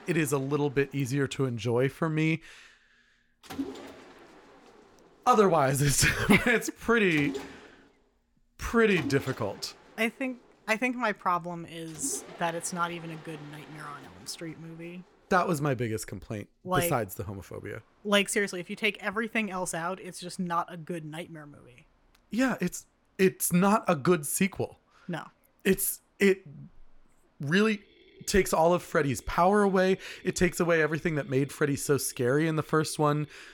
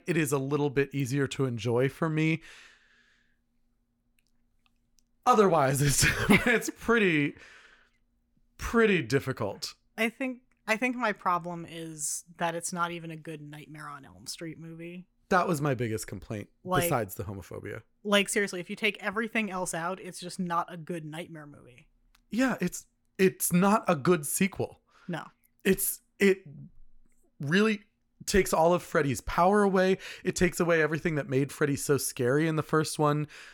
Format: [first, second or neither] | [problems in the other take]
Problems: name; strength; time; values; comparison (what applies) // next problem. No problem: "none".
second | machinery noise; noticeable; throughout; 20 dB below the speech